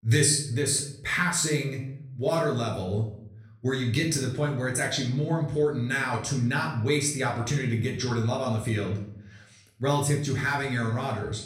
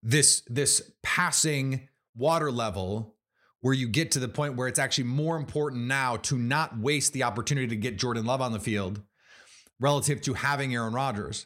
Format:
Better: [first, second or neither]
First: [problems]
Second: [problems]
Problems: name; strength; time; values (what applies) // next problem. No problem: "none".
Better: second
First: off-mic speech; somewhat distant // room echo; slight; dies away in 0.6 s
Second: none